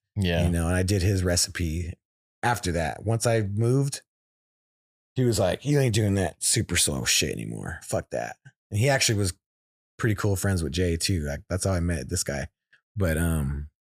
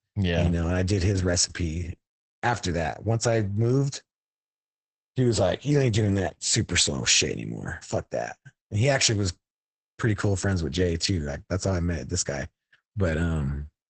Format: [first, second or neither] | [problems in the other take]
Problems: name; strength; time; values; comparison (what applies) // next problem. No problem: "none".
first | garbled, watery; badly; nothing above 8 kHz